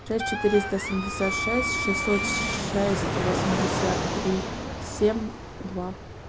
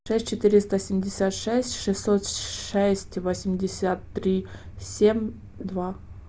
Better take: second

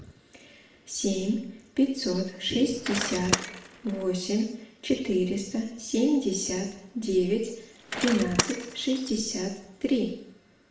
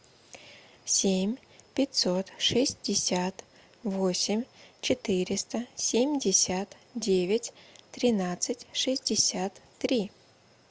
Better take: second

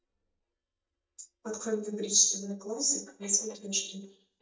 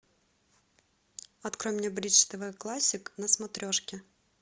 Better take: second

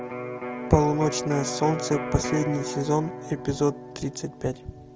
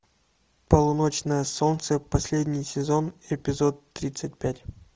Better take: second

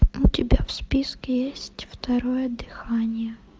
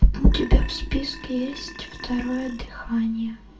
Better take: first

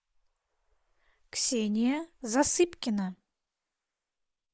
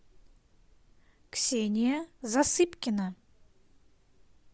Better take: second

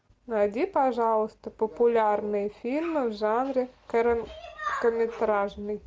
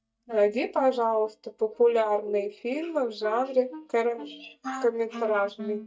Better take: first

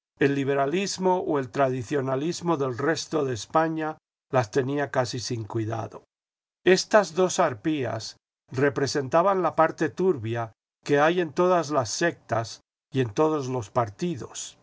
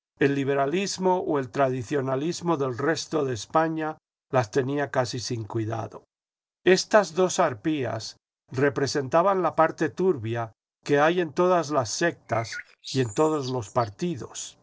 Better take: first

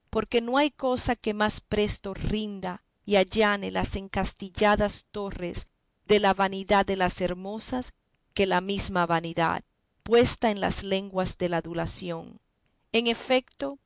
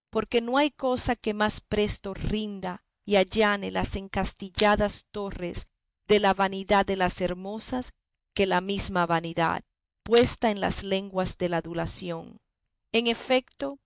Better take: first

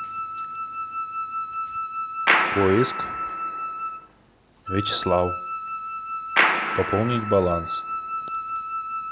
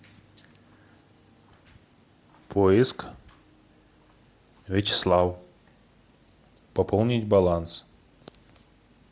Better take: second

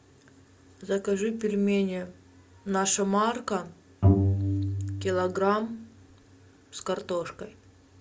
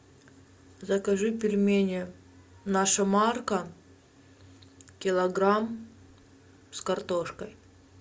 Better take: second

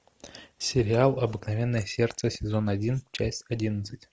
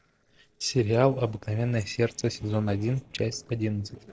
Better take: first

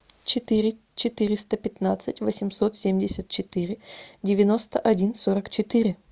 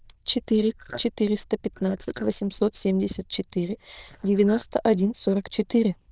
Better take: first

